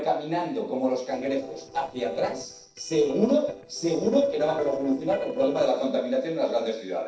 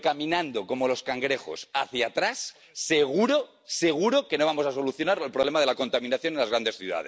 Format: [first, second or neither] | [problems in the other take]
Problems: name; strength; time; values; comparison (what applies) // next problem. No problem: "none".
second | noise reduction (neural separator model SepFormer DNS4)